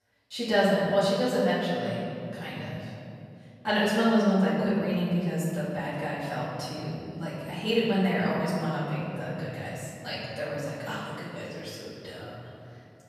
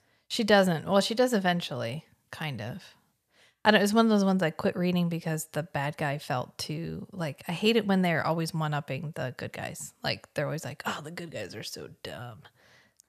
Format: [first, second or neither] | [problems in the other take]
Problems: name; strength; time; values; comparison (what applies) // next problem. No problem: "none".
second | off-mic speech; far // room echo; strong; dies away in 2.4 s